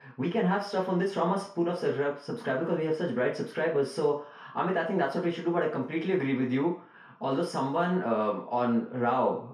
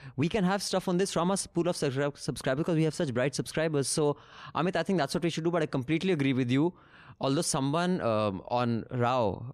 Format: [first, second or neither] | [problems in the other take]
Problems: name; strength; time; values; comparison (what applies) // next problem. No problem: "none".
second | room echo; slight; dies away in 0.5 s // off-mic speech; far